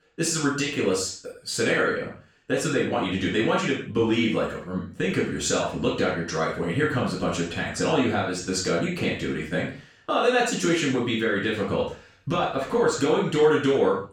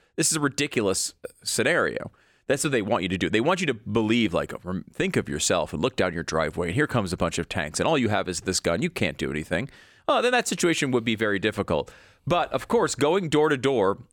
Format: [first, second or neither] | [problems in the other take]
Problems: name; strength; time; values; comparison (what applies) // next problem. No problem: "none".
second | room echo; noticeable; dies away in 0.4 s // off-mic speech; far